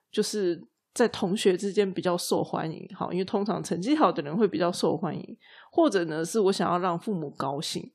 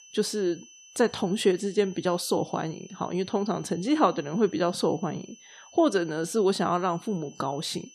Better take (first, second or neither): first